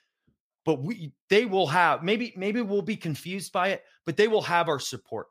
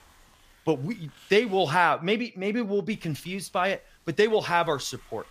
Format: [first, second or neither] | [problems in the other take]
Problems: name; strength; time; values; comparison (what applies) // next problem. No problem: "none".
first | hiss; faint; until 2 s and from 3 s on; 30 dB below the speech